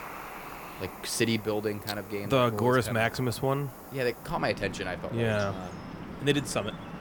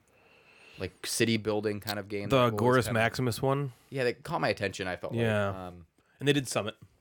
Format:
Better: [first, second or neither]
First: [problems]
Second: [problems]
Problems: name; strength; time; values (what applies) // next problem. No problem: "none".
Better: second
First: animal sounds; noticeable; throughout; 15 dB below the speech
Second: none